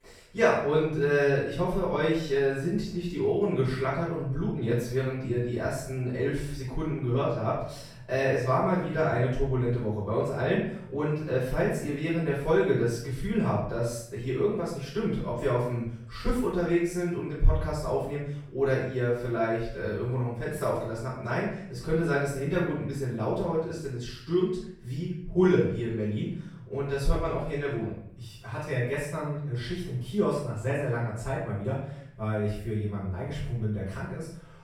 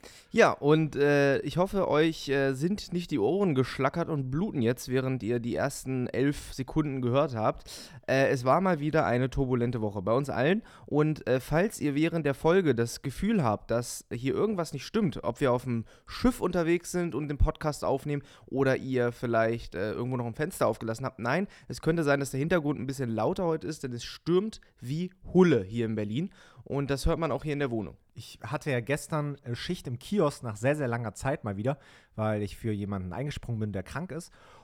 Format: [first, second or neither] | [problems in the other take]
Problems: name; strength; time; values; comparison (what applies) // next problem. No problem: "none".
second | off-mic speech; far // room echo; noticeable; dies away in 0.6 s